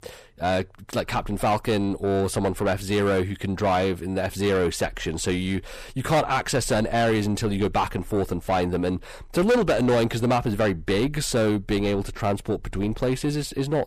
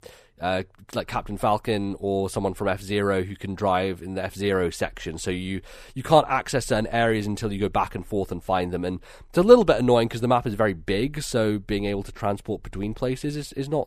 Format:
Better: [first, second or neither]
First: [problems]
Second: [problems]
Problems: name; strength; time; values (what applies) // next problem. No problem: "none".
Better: second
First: distortion; heavy; 6 dB below the speech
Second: none